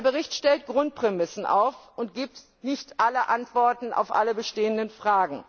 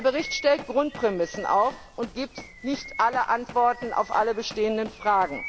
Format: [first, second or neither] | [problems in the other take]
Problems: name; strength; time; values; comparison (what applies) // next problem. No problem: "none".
first | background sound (Bird vocalization, bird call, bird song + Run); 15 dB below the speech